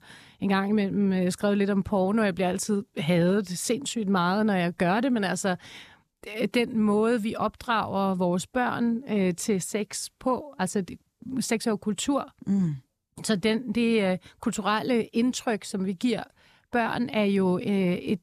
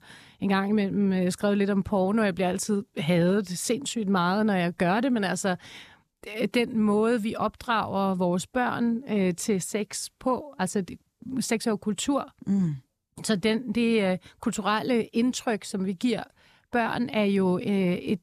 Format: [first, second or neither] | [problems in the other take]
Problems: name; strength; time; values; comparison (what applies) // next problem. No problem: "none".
neither | none